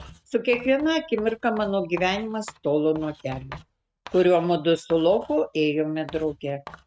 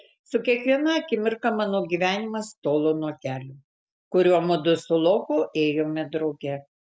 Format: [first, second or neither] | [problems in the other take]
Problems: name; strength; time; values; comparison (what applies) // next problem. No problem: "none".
second | noise reduction (neural mask model RNNoise)